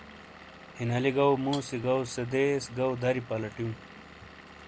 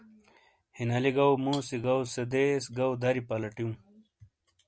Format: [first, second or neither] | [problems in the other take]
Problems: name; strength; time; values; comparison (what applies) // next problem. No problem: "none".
second | background sound (Engine / Vehicle); 18 dB below the speech